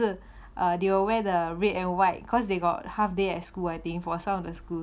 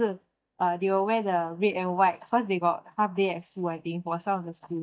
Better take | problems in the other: first | noise reduction (neural mask model DeepFilterNet 3)

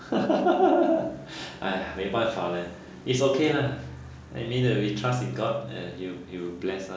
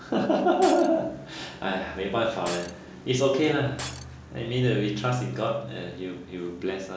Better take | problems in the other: first | background sound (Shatter); 16 dB below the speech

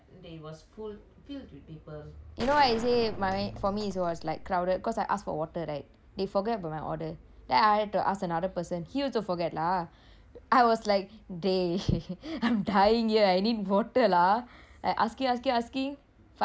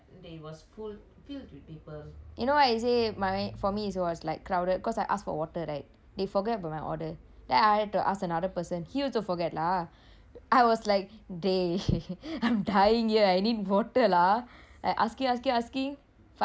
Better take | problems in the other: second | background sound (Gunshot, gunfire); 12 dB below the speech

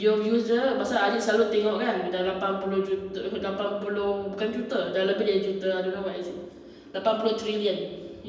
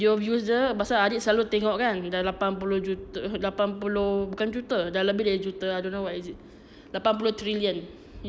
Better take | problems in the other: second | room echo; dies away in 1 s

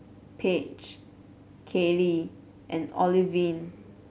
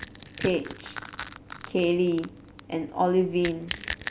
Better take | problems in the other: first | background sound (Crack / Crushing); 12 dB below the speech

